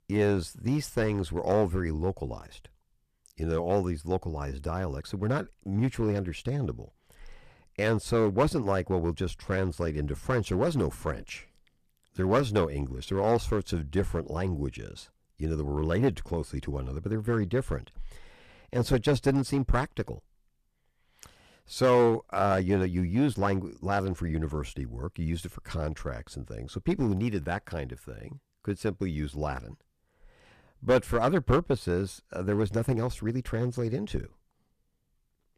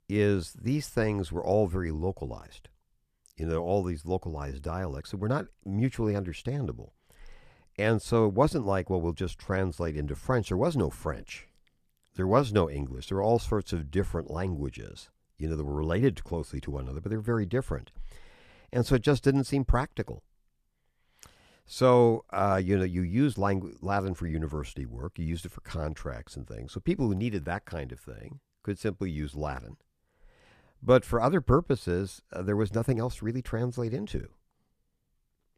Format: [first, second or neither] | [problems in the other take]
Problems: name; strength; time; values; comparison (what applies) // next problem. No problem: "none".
second | distortion; slight; 3% of the sound clipped